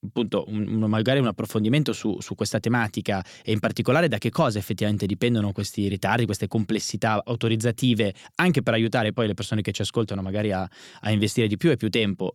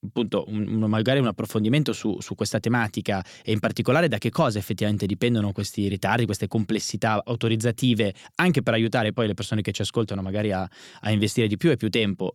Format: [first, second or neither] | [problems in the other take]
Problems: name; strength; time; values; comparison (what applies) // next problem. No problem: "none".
neither | none